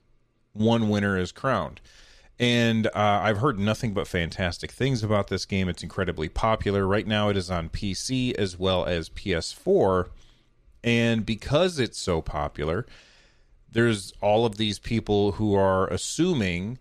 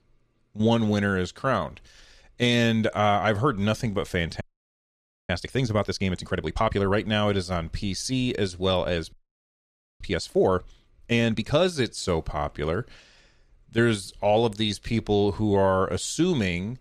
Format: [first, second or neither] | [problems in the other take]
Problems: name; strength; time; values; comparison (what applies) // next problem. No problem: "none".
first | audio freezing; at 4.5 s for 1 s and at 9 s for 1 s